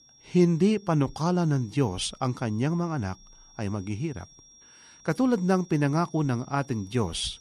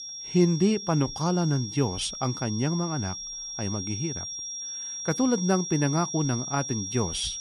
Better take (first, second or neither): first